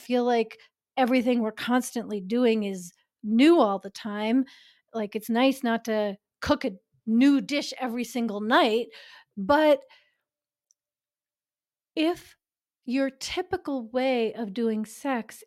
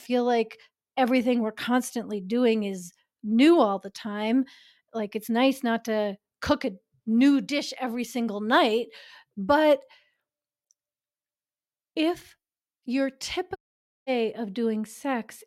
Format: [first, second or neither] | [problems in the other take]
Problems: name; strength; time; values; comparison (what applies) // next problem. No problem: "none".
first | audio cutting out; at 14 s for 0.5 s